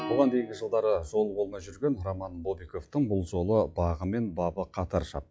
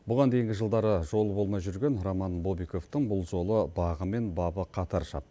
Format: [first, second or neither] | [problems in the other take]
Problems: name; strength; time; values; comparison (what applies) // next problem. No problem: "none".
second | noise reduction (classical method log-MMSE)